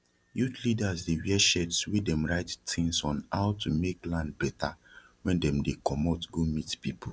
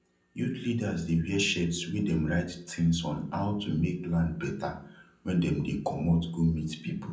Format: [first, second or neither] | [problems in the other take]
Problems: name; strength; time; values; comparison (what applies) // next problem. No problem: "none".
first | room echo; dies away in 0.6 s